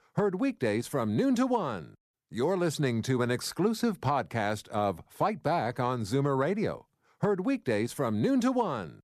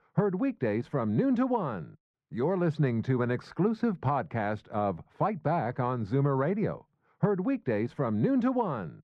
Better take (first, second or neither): first